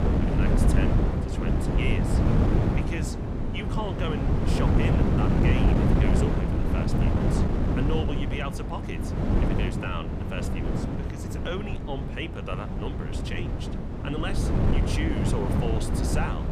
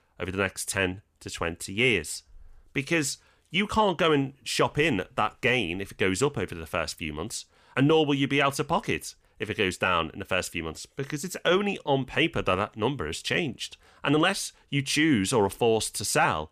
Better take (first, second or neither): second